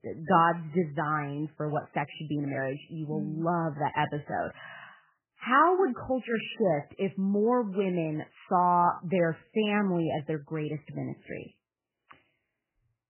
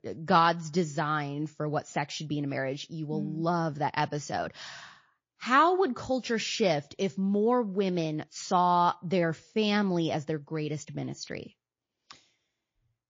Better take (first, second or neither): second